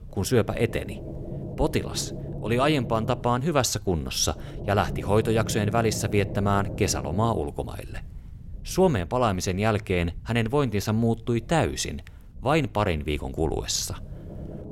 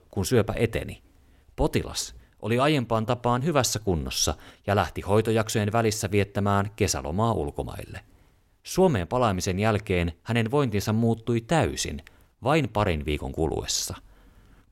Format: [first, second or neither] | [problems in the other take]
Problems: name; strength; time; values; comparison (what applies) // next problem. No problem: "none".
second | low rumble; noticeable; throughout; 15 dB below the speech